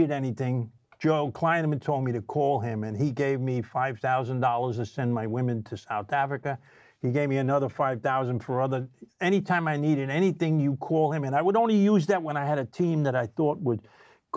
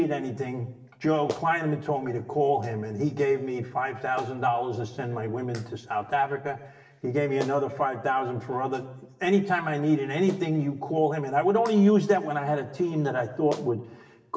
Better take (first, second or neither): first